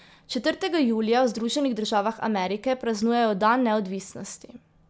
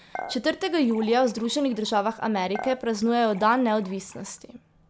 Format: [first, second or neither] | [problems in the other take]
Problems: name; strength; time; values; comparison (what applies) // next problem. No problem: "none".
first | background sound (Dishes, pots, and pans / Chink, clink); 17 dB below the speech